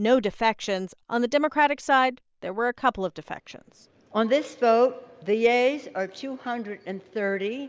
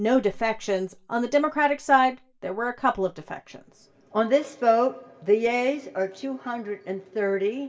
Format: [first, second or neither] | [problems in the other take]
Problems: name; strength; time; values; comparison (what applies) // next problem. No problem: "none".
first | room echo; dies away in 0.2 s